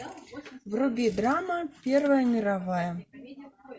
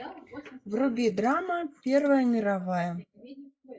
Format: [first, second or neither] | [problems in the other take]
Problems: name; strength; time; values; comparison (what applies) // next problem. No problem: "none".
first | noise reduction (neural mask model Resemble Enhance denoiser)